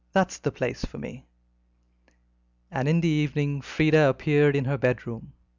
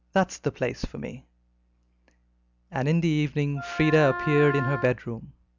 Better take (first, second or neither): first